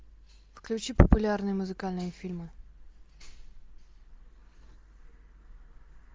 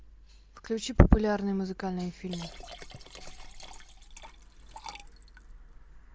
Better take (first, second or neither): first